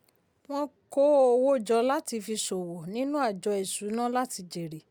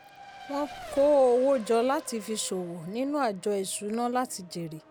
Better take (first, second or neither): first